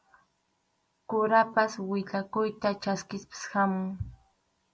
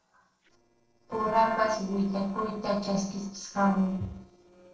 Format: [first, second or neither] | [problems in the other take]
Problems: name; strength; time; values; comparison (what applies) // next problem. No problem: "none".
first | noise reduction (neural separator model SepFormer DNS4)